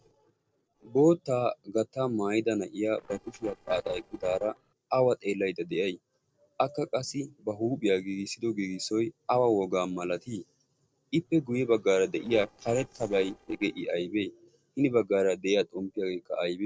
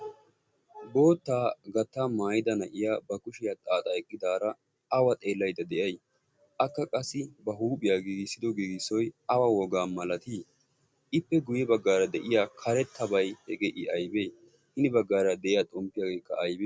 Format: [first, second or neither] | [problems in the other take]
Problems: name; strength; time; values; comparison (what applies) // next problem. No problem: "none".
second | noise reduction (neural separator model SepFormer DNS4)